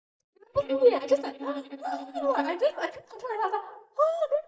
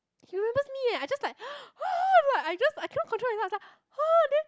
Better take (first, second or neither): second